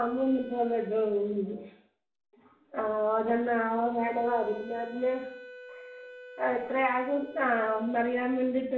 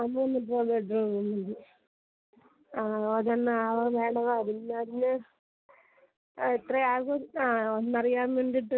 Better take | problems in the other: second | background sound (Wind instrument, woodwind instrument); 19 dB below the speech // room echo; dies away in 0.5 s

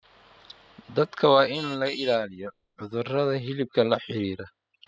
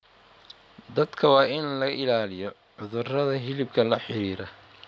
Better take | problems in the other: second | noise reduction (classical method spectral subtraction)

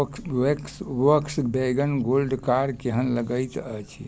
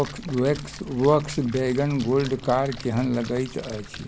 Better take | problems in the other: first | background sound (Splash, splatter); 17 dB below the speech

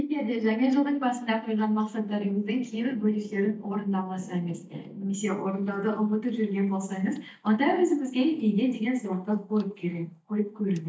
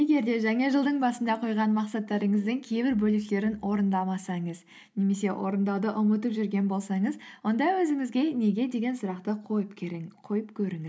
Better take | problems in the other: second | noise reduction (neural mask model DeepFilterNet 3)

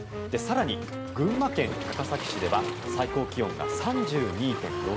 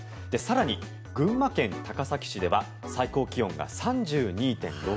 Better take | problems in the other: second | background sound (Wind instrument, woodwind instrument + Waves, surf); 5 dB below the speech

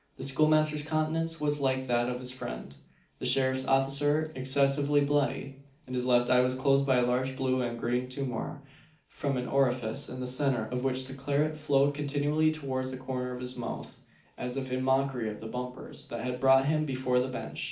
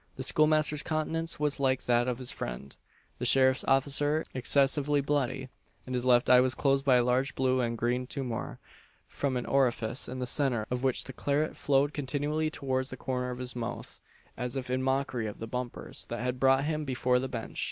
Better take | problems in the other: second | room echo; dies away in 0.4 s

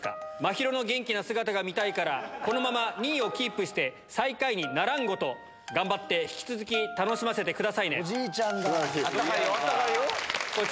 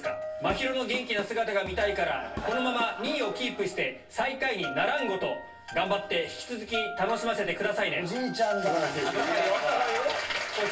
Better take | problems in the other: first | background sound (Drum kit); 14 dB below the speech // room echo; dies away in 0.3 s

